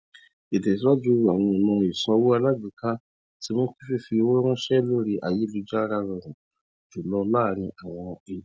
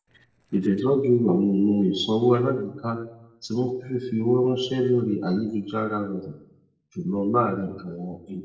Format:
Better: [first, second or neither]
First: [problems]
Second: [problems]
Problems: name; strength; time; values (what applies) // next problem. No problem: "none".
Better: first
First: none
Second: noise reduction (neural separator model SepFormer DNS4)